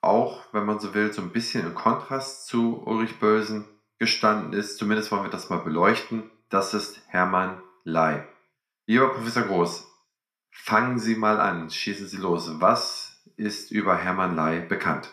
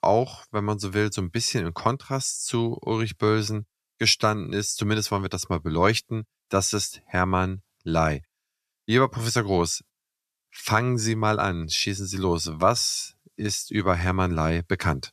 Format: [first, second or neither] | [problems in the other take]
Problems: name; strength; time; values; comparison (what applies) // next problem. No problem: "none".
second | room echo; very slight; dies away in 0.5 s